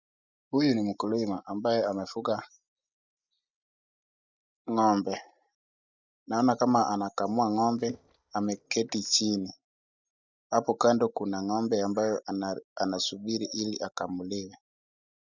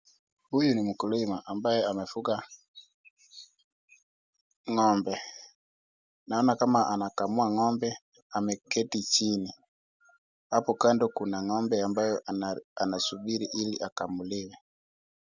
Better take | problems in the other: second | noise reduction (neural mask model DeepFilterNet 3)

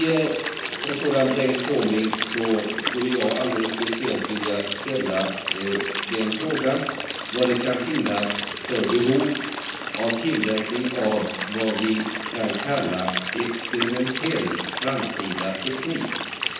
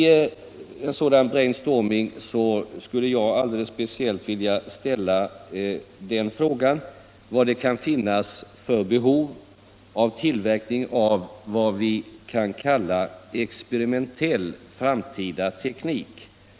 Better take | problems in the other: second | background sound (Stream); 5 dB below the speech // room echo; dies away in 0.9 s

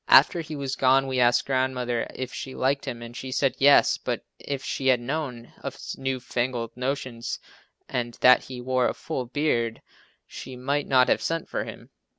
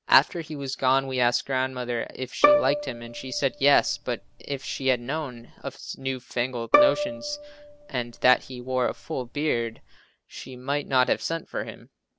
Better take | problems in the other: first | background sound (Bowed string instrument); 1 dB below the speech

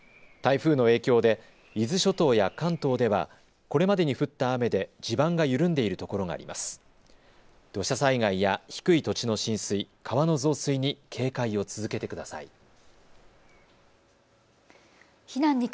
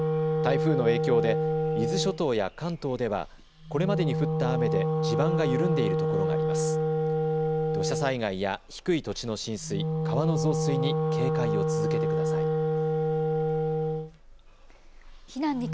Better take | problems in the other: first | background sound (Wind instrument, woodwind instrument); 4 dB above the speech

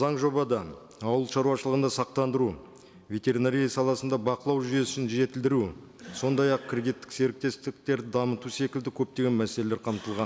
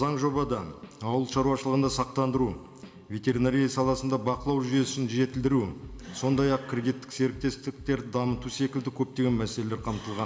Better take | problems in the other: first | background sound (Drum / Drum kit); 19 dB below the speech // room echo; dies away in 2.3 s

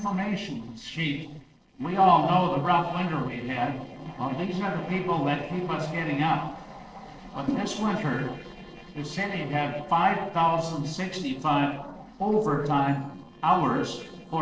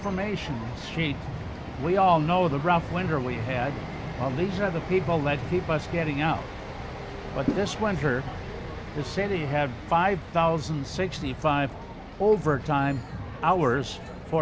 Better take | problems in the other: second | noise reduction (neural separator model SepFormer DNS4)

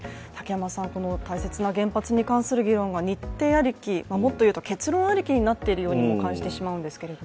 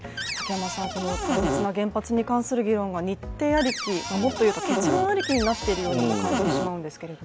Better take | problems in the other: first | background sound (Cupboard open or close); 2 dB below the speech

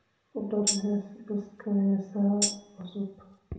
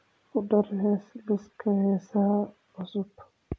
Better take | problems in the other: second | background sound (Tambourine); 3 dB below the speech // room echo; dies away in 0.7 s

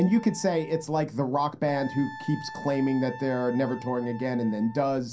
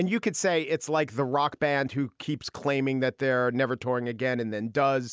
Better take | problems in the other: second | background sound (Wind instrument, woodwind instrument); 16 dB below the speech // room echo; dies away in 0.3 s

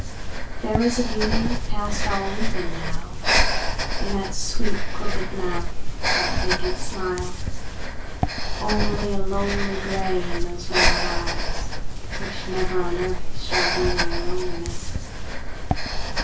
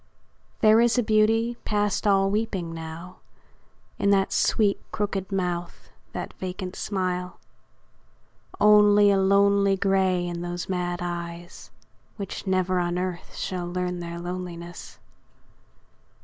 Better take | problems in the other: second | background sound (Breathing); as loud as the speech // room echo; dies away in 0.2 s

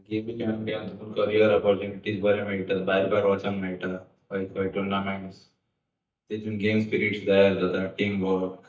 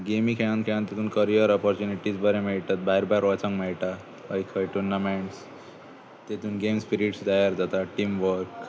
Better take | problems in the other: second | noise reduction (neural mask model DeepFilterNet 3)

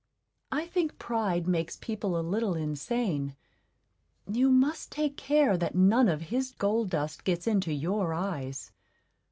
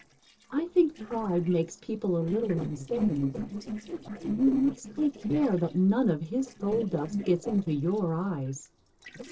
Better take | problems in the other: first | noise reduction (neural separator model SepFormer DNS4)

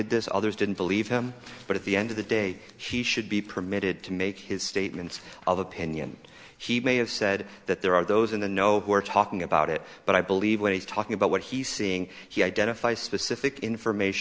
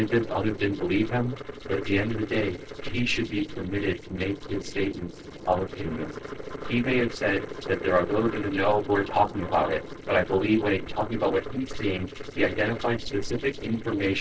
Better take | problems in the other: first | noise reduction (neural separator model SepFormer DNS4)

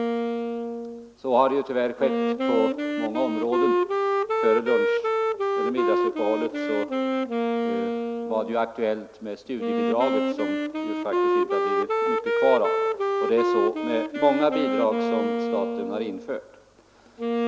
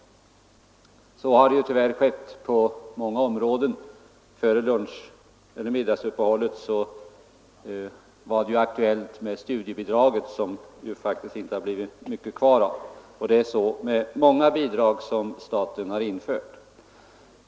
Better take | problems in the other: second | background sound (Wind instrument, woodwind instrument); 2 dB above the speech

